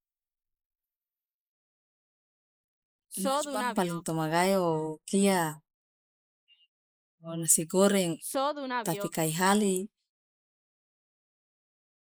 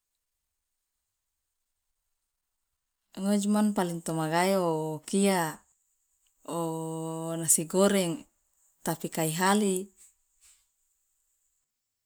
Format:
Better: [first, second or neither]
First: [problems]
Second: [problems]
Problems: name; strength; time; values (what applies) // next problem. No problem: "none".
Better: second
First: noise reduction (neural mask model Resemble Enhance denoiser)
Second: none